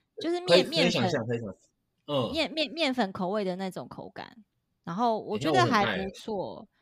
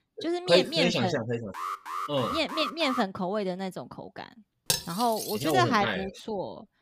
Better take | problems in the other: first | alarm; noticeable; from 1.5 to 3 s; peak 6 dB below the speech // clattering dishes; noticeable; at 4.5 s; peak 1 dB below the speech

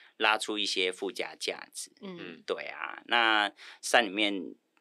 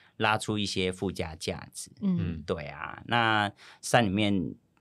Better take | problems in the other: second | thin; somewhat; fading below 300 Hz

